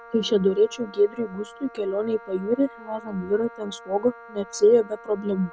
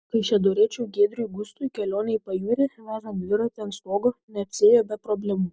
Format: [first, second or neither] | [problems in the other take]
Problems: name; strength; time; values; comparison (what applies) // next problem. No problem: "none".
second | background sound (Wind instrument, woodwind instrument); 20 dB below the speech